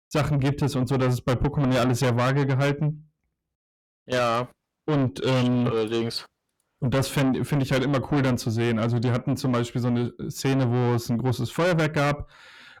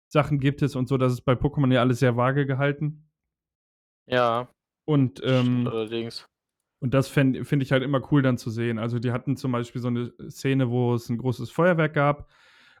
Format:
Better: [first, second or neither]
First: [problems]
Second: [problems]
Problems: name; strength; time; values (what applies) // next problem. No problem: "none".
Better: second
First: distortion; heavy; 6 dB below the speech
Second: none